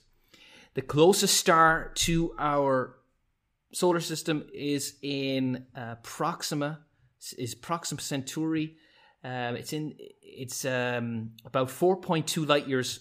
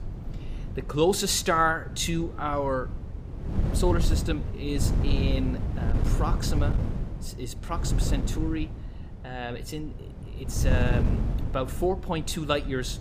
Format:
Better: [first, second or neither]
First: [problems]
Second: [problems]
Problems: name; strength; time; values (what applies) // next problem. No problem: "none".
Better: first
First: none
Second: wind noise on the microphone; occasional gusts; 10 dB below the speech